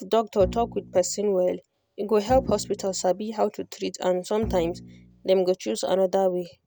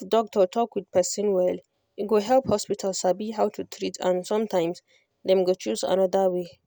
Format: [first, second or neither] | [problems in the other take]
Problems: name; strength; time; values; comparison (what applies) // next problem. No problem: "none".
second | background sound (Bowed string instrument); 14 dB below the speech